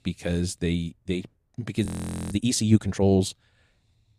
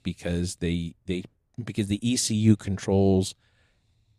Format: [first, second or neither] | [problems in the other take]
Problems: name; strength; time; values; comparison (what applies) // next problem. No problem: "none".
second | audio freezing; at 2 s